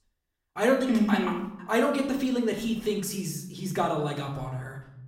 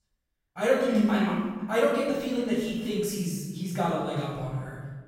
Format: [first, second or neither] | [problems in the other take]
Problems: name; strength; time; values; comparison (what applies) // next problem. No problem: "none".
first | room echo; strong; dies away in 1.4 s; slight in the first // off-mic speech; far; far in the first